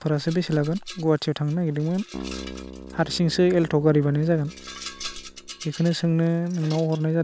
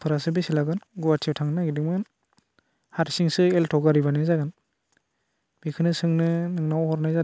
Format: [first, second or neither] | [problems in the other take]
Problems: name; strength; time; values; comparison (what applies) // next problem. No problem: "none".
second | background sound (Keyboard (musical) + Rattle); 16 dB below the speech